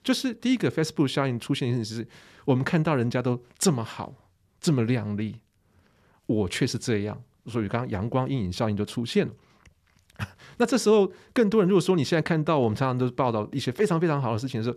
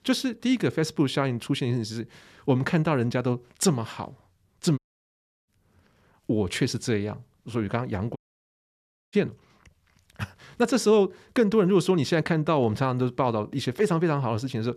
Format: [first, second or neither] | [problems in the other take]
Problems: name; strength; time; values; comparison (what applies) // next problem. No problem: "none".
first | audio cutting out; at 5 s for 0.5 s and at 8 s for 1 s